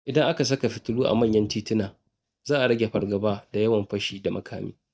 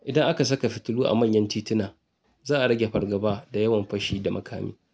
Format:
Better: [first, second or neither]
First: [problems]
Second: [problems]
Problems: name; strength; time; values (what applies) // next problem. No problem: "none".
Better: second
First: noise reduction (neural mask model DeepFilterNet 3)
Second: none